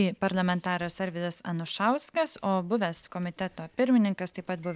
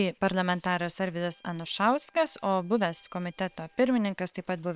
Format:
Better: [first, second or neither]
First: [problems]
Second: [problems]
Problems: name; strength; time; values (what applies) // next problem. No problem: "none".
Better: first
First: none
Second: noise reduction (neural separator model SepFormer WHAM!)